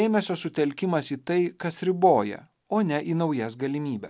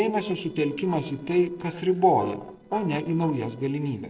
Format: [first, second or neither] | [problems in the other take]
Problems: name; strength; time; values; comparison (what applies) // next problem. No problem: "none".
first | noise reduction (neural separator model SepFormer DNS4)